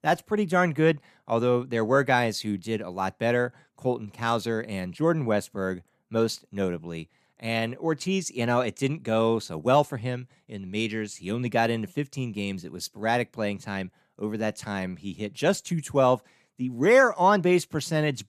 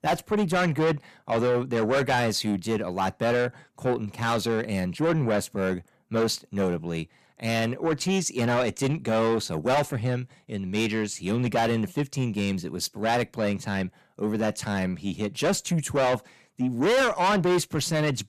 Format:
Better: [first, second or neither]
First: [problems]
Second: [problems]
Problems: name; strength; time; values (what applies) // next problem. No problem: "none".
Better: first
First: none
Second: distortion; heavy; 6 dB below the speech